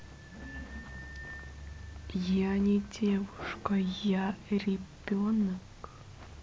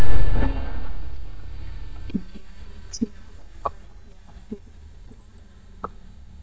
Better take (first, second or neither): first